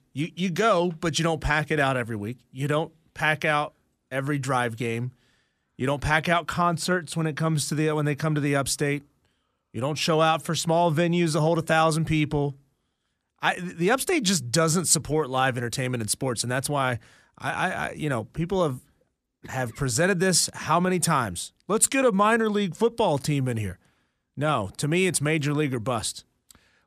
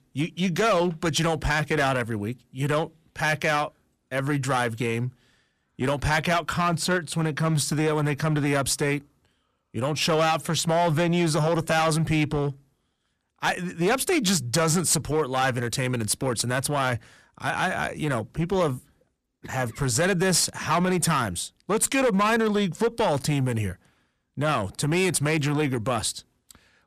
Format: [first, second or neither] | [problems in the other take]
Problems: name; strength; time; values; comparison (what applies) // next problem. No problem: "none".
first | distortion; slight; 8% of the sound clipped